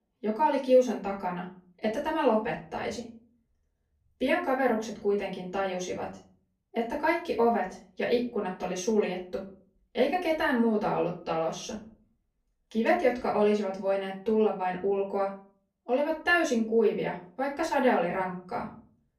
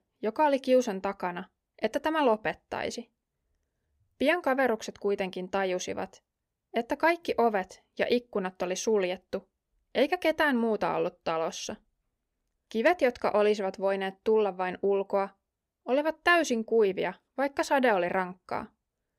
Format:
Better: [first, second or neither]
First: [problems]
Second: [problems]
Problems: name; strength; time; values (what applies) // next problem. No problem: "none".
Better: second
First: off-mic speech; far // room echo; slight; dies away in 0.4 s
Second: none